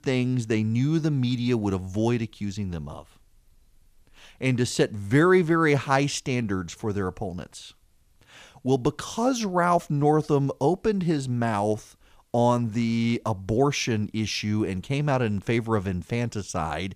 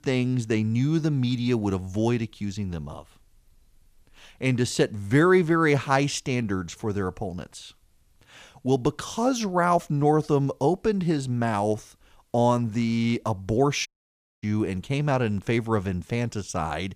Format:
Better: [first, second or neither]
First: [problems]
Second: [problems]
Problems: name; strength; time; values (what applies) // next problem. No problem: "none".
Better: first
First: none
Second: audio cutting out; at 14 s for 0.5 s